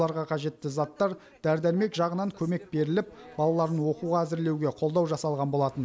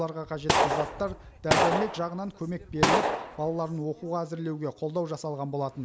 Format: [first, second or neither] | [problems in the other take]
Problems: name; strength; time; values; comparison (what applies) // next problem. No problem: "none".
first | background sound (Gunshot, gunfire); 3 dB above the speech